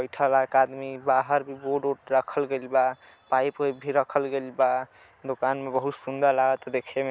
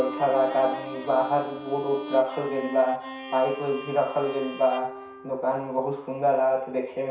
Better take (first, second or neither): first